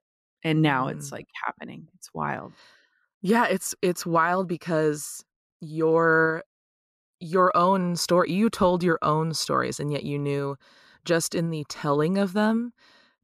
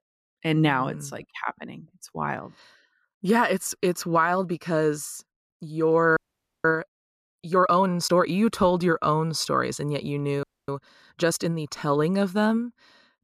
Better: first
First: none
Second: audio freezing; at 6 s and at 10 s

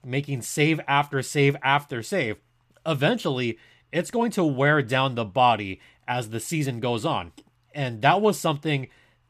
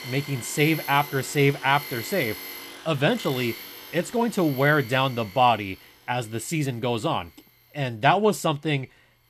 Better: first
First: none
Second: machinery noise; noticeable; throughout; 15 dB below the speech

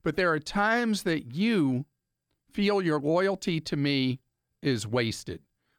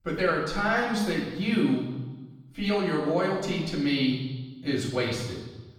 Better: first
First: none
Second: off-mic speech; far // room echo; noticeable; dies away in 1.1 s

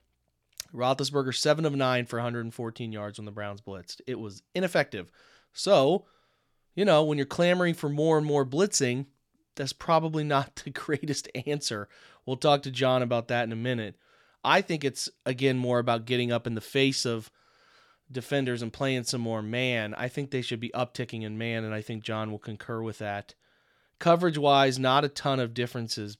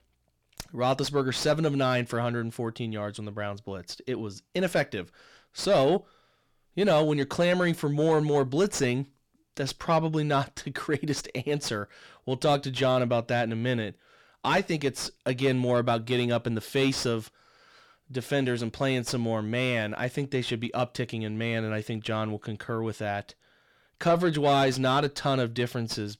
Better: first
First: none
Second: distortion; slight; 10 dB below the speech

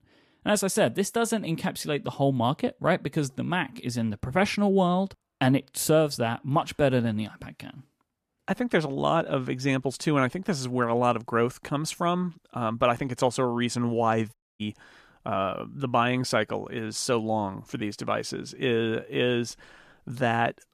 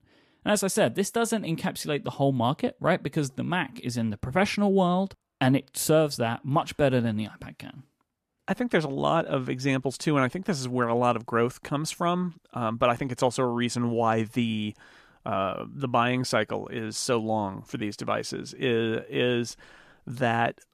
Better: second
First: audio cutting out; at 14 s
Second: none

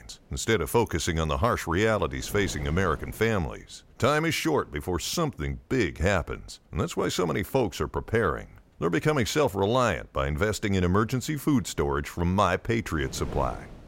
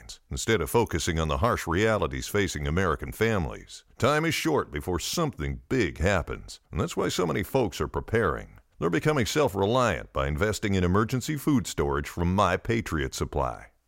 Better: second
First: wind noise on the microphone; occasional gusts; 25 dB below the speech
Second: none

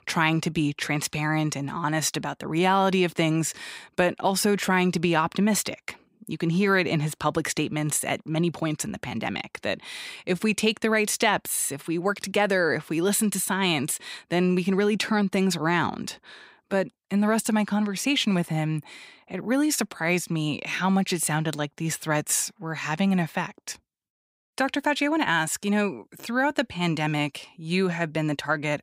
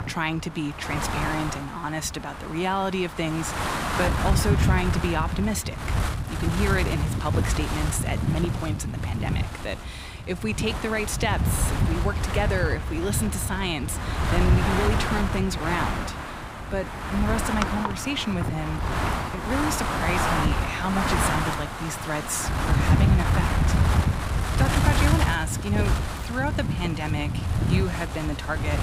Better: first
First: none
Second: wind noise on the microphone; heavy; as loud as the speech

